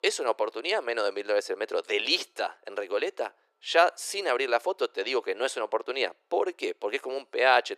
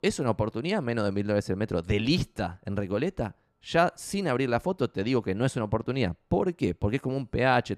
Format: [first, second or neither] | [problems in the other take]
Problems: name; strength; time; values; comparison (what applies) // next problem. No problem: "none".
second | thin; very; fading below 400 Hz